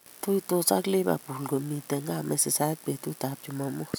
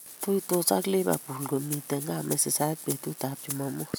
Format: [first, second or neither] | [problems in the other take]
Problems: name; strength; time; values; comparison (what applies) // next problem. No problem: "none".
first | background sound (Rattle (instrument)); 12 dB below the speech